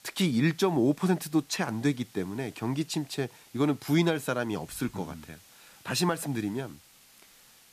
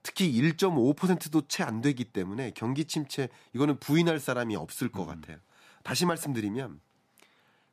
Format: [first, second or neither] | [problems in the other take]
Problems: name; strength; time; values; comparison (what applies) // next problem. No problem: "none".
second | hiss; faint; throughout; 25 dB below the speech